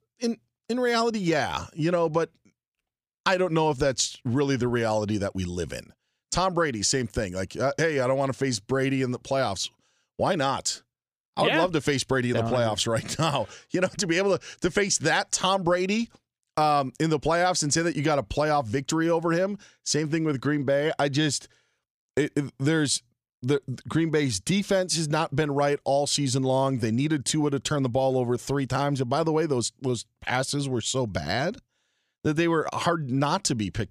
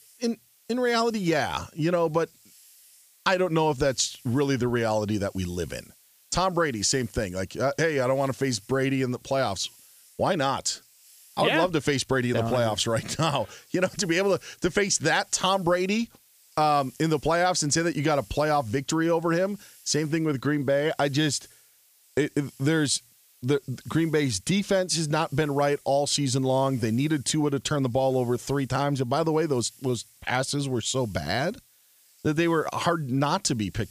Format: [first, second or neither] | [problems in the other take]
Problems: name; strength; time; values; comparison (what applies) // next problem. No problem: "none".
first | hiss; faint; throughout; 25 dB below the speech